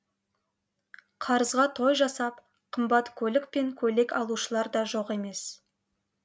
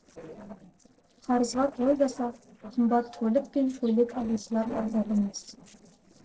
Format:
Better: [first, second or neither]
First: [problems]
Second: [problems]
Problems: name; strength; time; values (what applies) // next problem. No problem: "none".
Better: first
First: none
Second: noise reduction (neural separator model SepFormer DNS4)